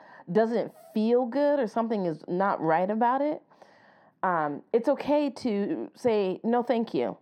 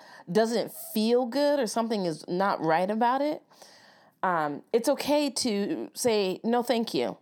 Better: second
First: muffled; very; fading above 4 kHz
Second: none

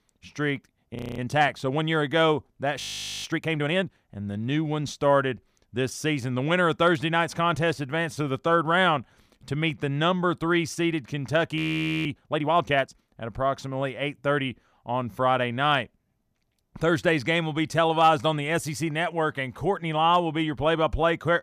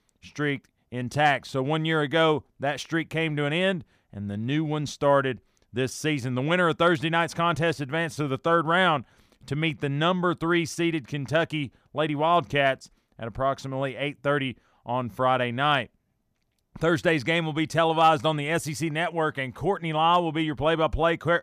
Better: second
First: audio freezing; at 1 s, at 3 s and at 12 s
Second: none

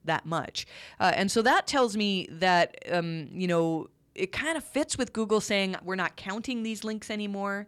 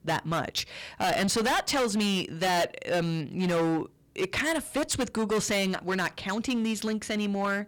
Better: first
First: none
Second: distortion; heavy; 18% of the sound clipped

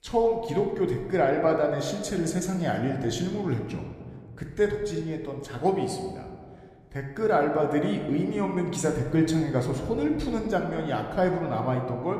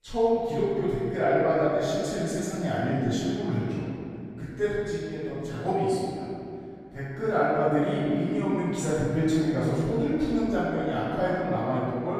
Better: first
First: room echo; slight; dies away in 1.4 s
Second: room echo; strong; dies away in 2.5 s // off-mic speech; far

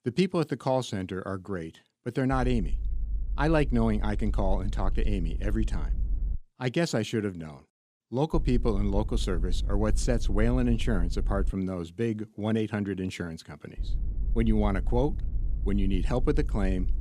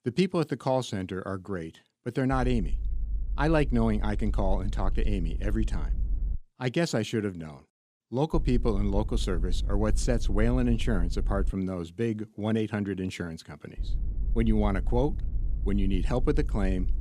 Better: neither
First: low rumble; faint; from 2.5 to 6.5 s, from 8.5 to 12 s and from 14 s on; 20 dB below the speech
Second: low rumble; faint; from 2.5 to 6.5 s, from 8.5 to 12 s and from 14 s on; 20 dB below the speech

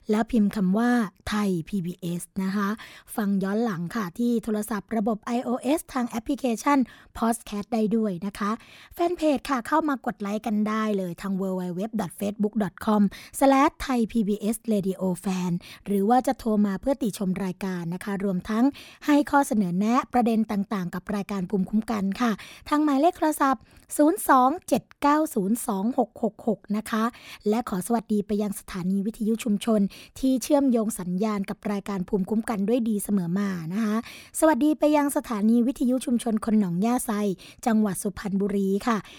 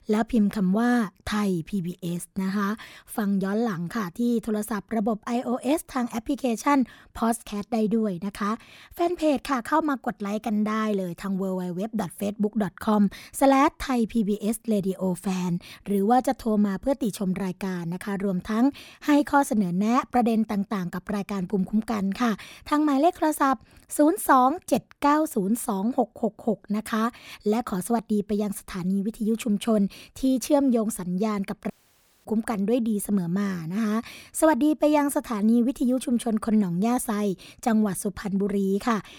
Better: first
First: none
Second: audio cutting out; at 32 s for 0.5 s

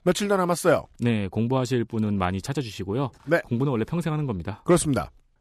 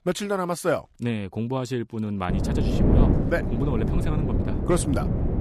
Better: first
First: none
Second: wind noise on the microphone; heavy; from 2.5 s on; 2 dB below the speech

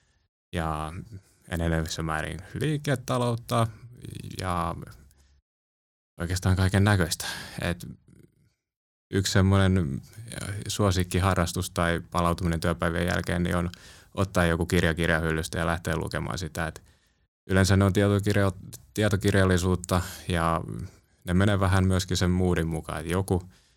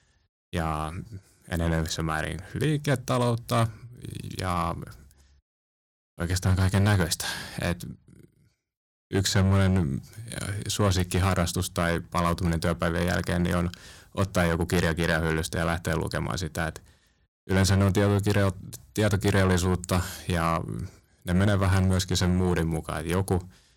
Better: first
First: none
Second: distortion; slight; 4% of the sound clipped

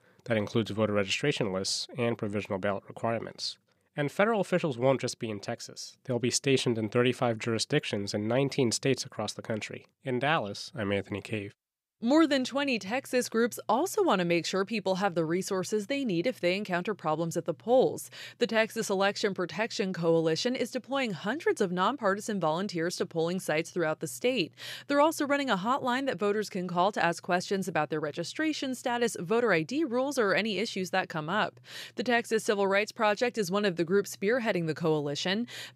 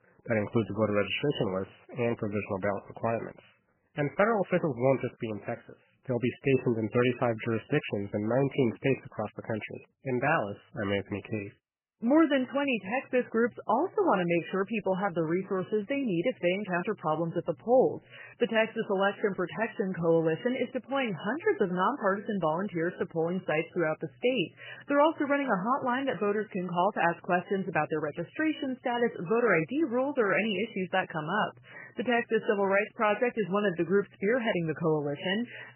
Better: first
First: none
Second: garbled, watery; badly; nothing above 3 kHz

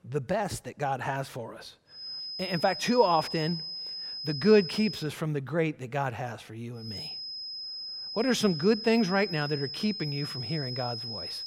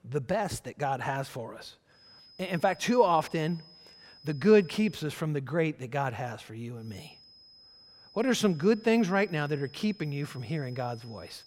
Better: second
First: high-pitched whine; loud; from 2 to 5 s and from 7 s on; 5 kHz, 7 dB below the speech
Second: high-pitched whine; faint; from 2 to 5 s and from 7 s on; 5 kHz, 25 dB below the speech

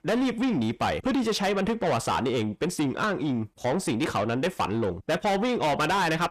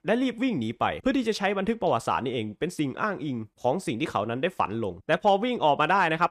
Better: second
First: distortion; heavy; 6 dB below the speech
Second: none

